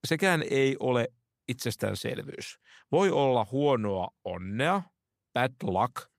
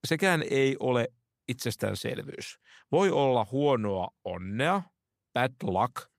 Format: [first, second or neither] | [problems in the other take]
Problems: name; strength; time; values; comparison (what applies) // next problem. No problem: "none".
neither | none